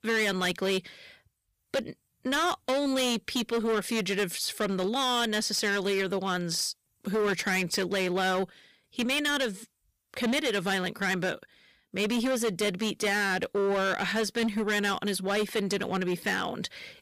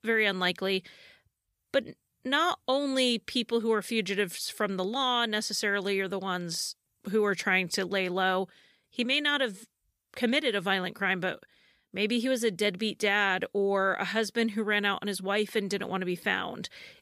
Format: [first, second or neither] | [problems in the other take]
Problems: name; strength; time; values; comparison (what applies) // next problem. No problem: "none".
second | distortion; heavy; 16% of the sound clipped